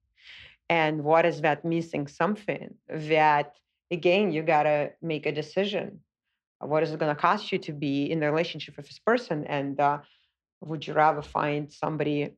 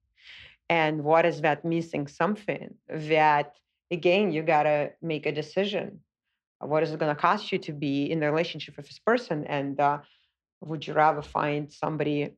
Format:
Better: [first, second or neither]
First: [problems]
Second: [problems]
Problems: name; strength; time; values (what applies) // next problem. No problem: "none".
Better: neither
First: muffled; very slightly; fading above 3 kHz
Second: muffled; very slightly; fading above 3 kHz